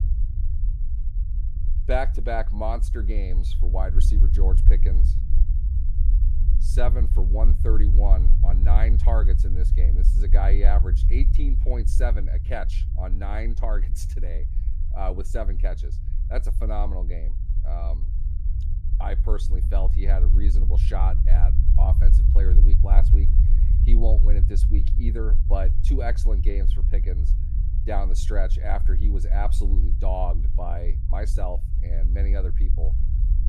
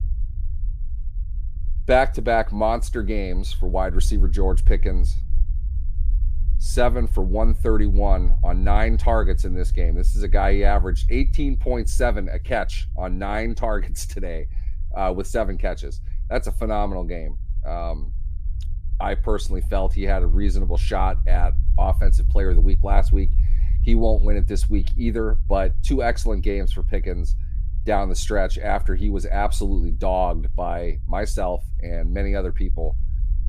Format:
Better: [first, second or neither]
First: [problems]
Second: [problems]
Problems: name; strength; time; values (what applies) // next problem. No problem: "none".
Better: second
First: low rumble; loud; throughout; 9 dB below the speech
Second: low rumble; faint; throughout; 20 dB below the speech